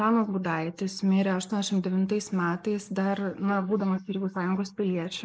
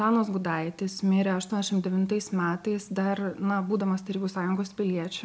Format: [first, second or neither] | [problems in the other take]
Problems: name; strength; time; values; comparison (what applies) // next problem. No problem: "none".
second | noise reduction (neural mask model Resemble Enhance denoiser)